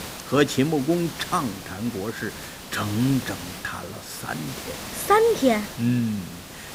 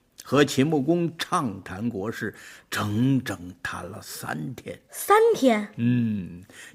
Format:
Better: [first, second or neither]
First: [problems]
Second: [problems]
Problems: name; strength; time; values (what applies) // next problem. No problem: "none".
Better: second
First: hiss; noticeable; throughout; 10 dB below the speech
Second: none